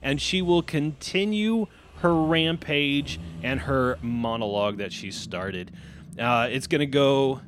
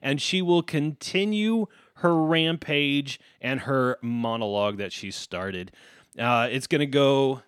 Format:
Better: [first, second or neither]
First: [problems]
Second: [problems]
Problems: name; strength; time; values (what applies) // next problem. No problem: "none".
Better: second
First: animal sounds; noticeable; throughout; 20 dB below the speech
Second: none